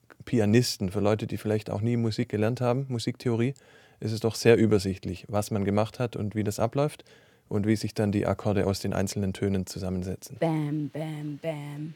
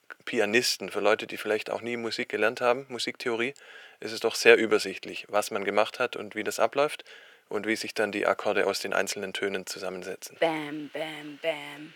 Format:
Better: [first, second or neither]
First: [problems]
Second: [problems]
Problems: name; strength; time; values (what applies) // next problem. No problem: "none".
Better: first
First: none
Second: thin; very; fading below 500 Hz